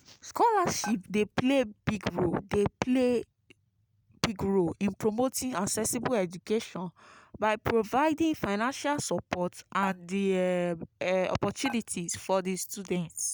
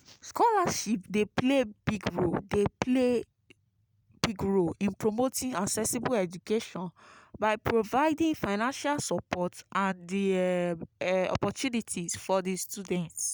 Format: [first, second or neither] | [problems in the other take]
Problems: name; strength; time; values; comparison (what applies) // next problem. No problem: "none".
second | background sound (Dishes, pots, and pans); 16 dB below the speech